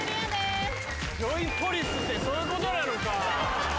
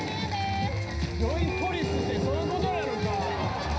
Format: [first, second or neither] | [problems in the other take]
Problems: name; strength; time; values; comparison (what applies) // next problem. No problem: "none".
first | background sound (Dog); 8 dB below the speech // room echo; dies away in 0.5 s